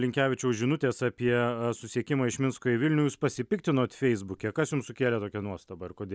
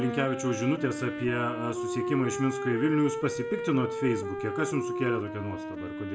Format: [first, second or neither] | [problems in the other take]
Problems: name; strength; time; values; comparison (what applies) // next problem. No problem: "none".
first | background sound (Wind instrument, woodwind instrument); 4 dB below the speech // room echo; dies away in 0.3 s